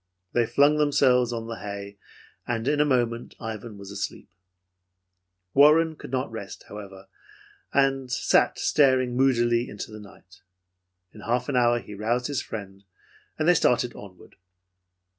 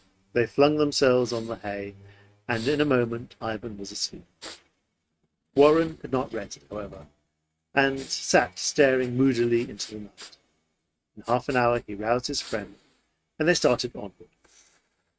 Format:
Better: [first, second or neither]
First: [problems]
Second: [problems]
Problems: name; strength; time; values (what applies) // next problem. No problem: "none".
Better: first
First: none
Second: noise reduction (neural mask model RNNoise)